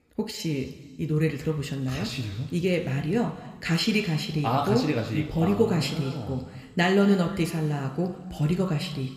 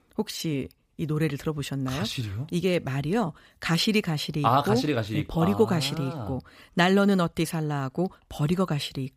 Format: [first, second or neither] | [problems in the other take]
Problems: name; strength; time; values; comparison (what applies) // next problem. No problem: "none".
second | room echo; slight; dies away in 1.7 s